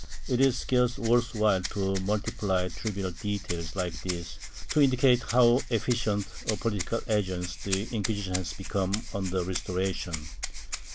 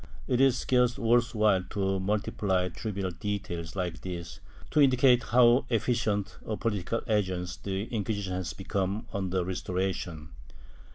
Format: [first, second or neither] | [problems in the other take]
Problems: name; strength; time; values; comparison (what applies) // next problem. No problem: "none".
second | background sound (Rattle (instrument)); 12 dB below the speech